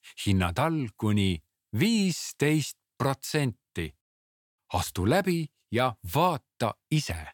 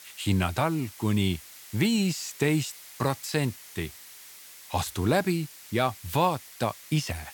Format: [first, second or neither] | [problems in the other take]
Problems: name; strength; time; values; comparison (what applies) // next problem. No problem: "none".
first | hiss; noticeable; throughout; 15 dB below the speech